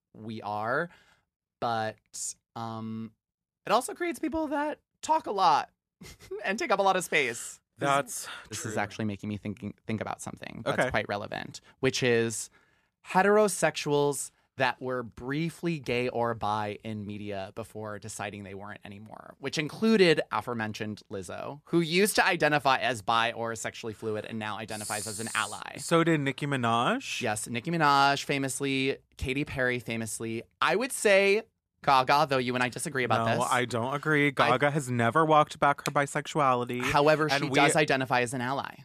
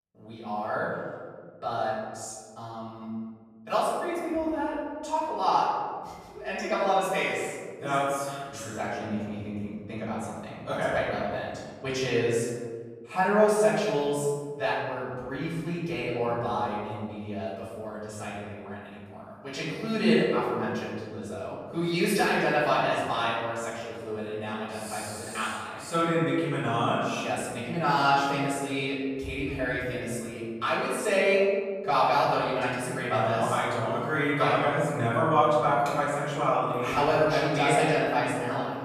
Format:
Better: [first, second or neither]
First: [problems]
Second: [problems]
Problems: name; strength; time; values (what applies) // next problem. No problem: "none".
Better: first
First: none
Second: off-mic speech; far // room echo; strong; dies away in 1.7 s